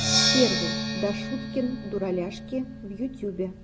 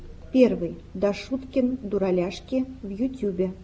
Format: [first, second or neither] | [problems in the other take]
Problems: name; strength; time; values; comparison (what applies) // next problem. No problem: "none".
second | background sound (Percussion); 1 dB above the speech